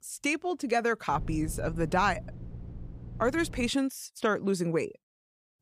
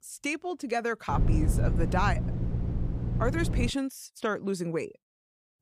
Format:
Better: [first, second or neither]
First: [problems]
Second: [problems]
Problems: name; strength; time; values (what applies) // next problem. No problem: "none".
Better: first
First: low rumble; faint; from 1 to 3.5 s; 25 dB below the speech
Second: low rumble; loud; from 1 to 3.5 s; 9 dB below the speech